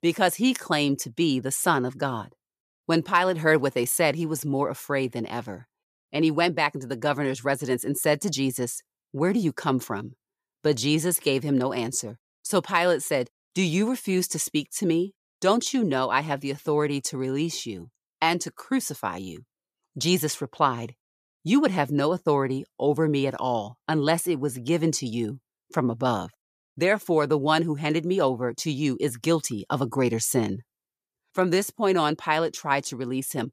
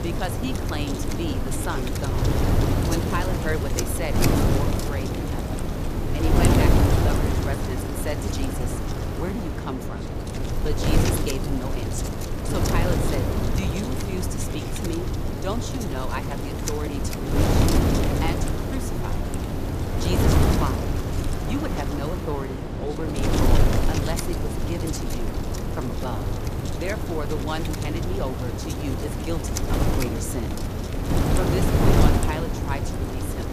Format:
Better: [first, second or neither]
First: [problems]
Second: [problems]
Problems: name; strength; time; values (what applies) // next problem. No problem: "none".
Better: first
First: none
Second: wind noise on the microphone; heavy; 3 dB above the speech